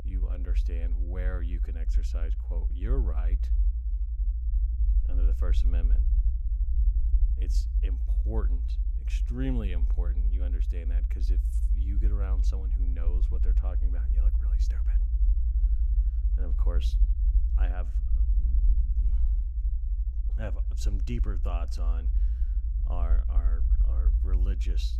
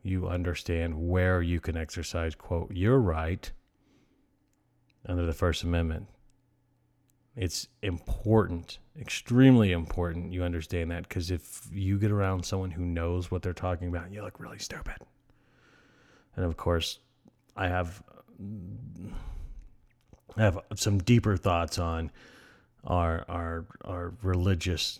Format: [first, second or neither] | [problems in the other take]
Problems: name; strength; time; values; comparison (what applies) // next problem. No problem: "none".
second | low rumble; loud; throughout; 5 dB below the speech